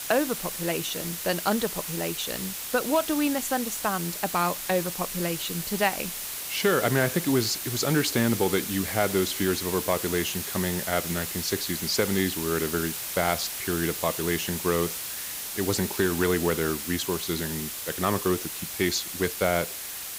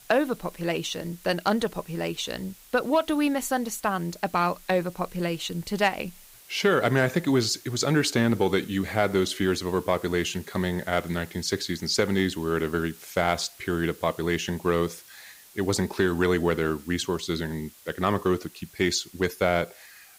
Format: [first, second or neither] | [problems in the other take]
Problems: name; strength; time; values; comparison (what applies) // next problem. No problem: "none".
second | hiss; loud; throughout; 4 dB below the speech; faint in the second